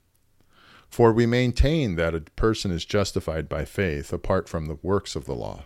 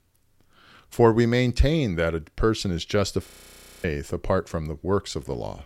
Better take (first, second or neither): first